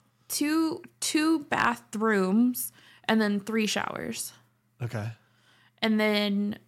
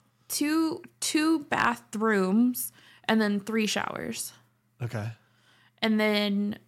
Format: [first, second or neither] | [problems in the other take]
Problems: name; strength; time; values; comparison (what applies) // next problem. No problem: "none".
neither | none